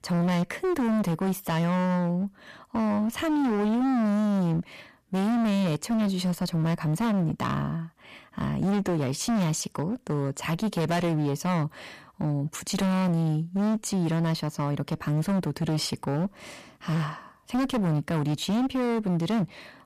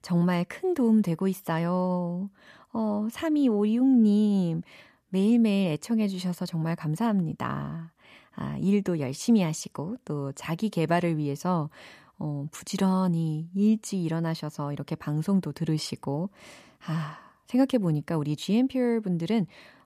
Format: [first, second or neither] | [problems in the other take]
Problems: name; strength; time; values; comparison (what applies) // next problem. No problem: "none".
second | distortion; heavy; 29% of the sound clipped